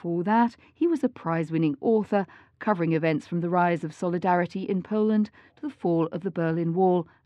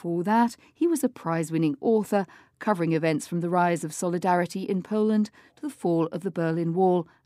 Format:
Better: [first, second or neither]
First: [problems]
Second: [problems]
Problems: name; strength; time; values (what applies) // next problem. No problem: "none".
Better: second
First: muffled; slightly; fading above 3 kHz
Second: none